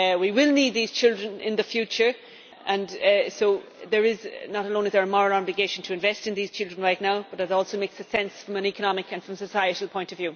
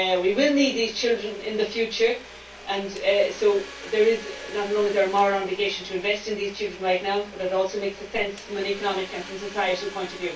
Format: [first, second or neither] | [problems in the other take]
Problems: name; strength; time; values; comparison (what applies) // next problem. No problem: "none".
first | background sound (Domestic sounds, home sounds); 17 dB below the speech // room echo; dies away in 0.2 s